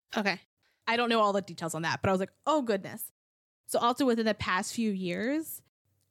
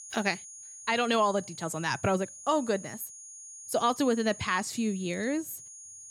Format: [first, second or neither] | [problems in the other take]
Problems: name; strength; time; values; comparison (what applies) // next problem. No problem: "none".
first | high-pitched whine; noticeable; throughout; 6.5 kHz, 15 dB below the speech